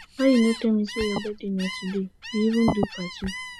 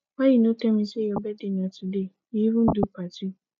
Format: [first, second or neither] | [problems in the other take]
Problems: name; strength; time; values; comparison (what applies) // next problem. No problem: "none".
second | background sound (Gull, seagull); 13 dB below the speech